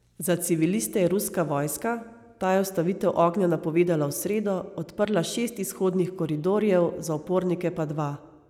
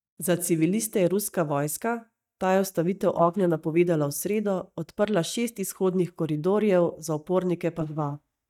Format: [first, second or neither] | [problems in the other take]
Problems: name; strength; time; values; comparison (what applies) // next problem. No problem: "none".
first | noise reduction (neural mask model DeepFilterNet 3)